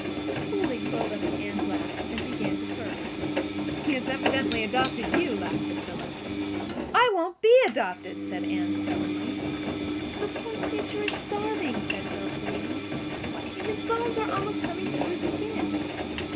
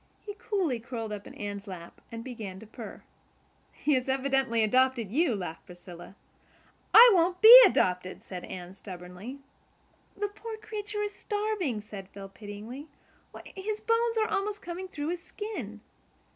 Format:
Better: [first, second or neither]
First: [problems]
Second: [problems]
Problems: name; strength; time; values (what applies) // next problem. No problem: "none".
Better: second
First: background sound (Engine); as loud as the speech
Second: none